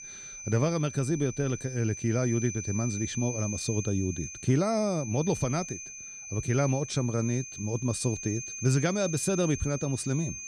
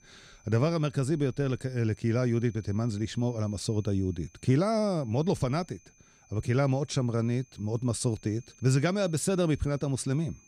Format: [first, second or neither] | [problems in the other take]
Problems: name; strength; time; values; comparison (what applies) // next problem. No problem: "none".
second | high-pitched whine; loud; throughout; 6.5 kHz, 8 dB below the speech; faint in the second